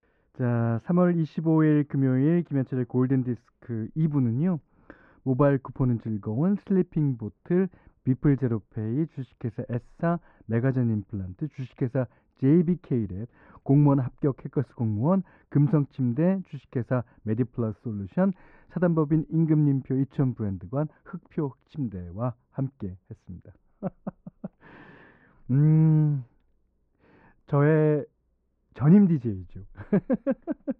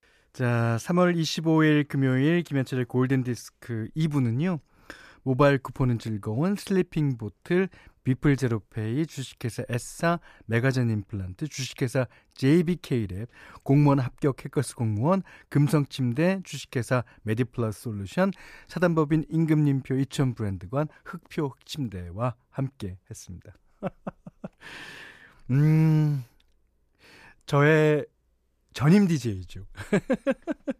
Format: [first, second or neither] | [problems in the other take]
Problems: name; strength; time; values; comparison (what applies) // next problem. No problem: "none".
second | muffled; very; fading above 1 kHz